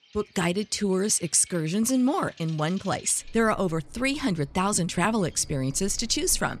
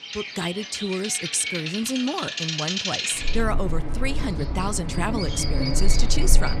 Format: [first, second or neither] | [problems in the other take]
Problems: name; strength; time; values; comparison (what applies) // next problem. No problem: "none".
first | animal sounds; loud; throughout; as loud as the speech; faint in the first